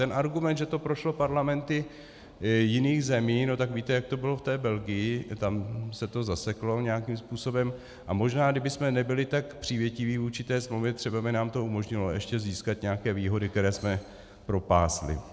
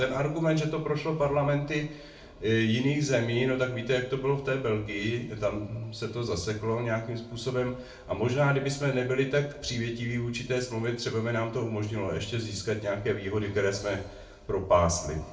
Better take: first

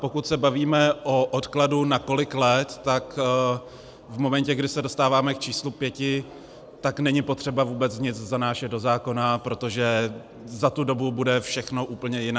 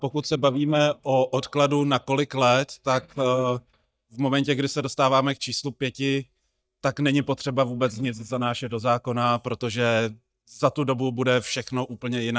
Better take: first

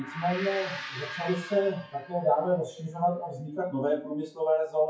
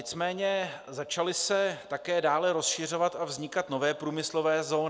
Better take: second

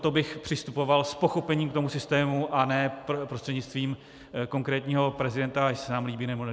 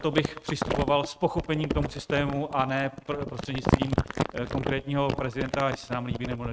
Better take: first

